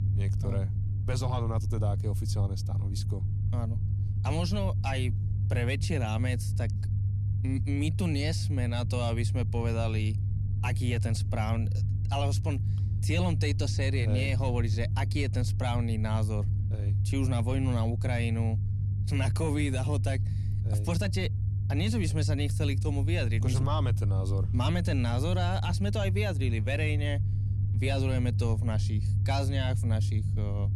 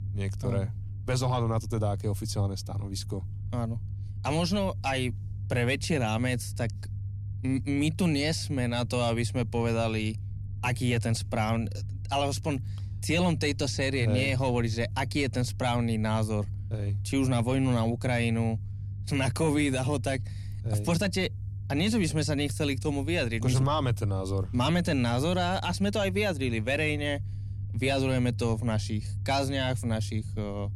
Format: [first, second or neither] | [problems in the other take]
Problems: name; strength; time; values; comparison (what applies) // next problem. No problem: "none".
second | low rumble; loud; throughout; 8 dB below the speech; faint in the second